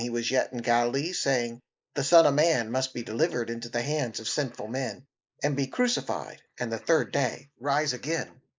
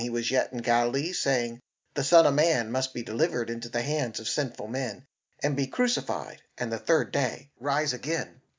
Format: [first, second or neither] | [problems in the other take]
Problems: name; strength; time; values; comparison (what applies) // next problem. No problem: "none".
second | noise reduction (neural mask model Resemble Enhance denoiser)